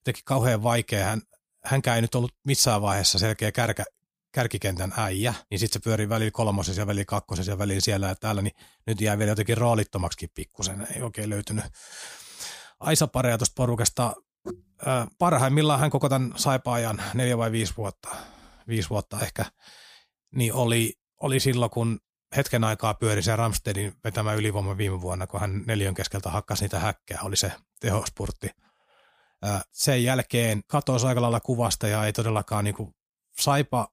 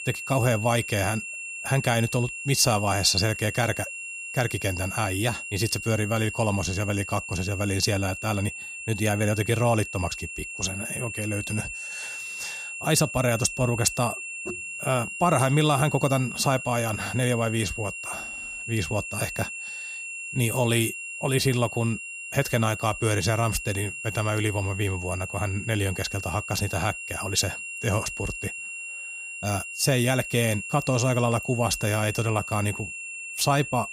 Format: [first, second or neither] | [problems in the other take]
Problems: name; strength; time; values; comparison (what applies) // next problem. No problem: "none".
first | high-pitched whine; loud; throughout; 2.5 kHz, 8 dB below the speech